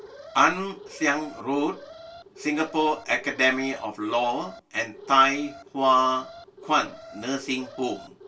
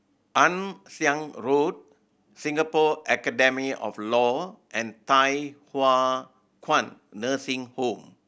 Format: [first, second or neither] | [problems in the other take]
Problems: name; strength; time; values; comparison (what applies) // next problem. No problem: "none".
second | background sound (Alarm); 18 dB below the speech // room echo; dies away in 0.2 s